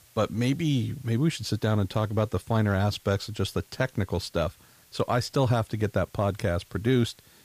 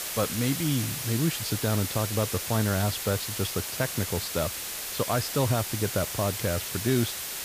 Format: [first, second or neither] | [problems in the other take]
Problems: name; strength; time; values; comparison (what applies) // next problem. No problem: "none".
first | hiss; loud; throughout; 3 dB below the speech; faint in the first